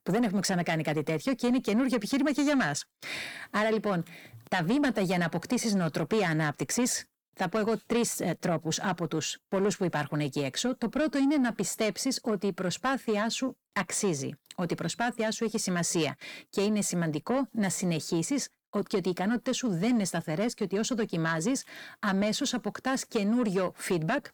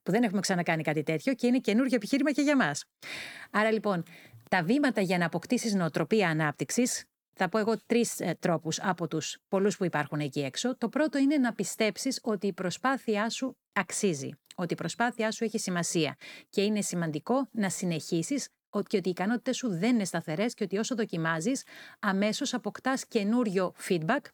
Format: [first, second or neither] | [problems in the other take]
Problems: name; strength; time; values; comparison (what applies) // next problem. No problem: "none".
second | distortion; slight; 10 dB below the speech